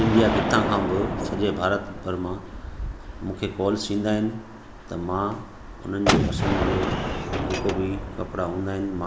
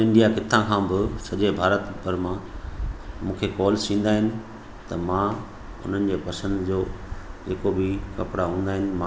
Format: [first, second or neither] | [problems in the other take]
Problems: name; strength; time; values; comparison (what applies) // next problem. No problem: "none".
second | background sound (Gunshot, gunfire); 3 dB below the speech